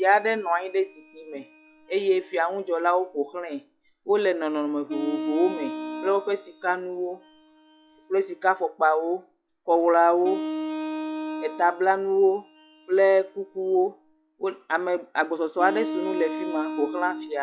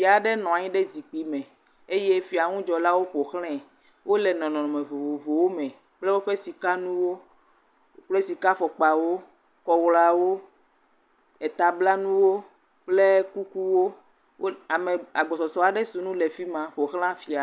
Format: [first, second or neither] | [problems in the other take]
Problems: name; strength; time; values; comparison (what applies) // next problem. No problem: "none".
second | noise reduction (classical method log-MMSE)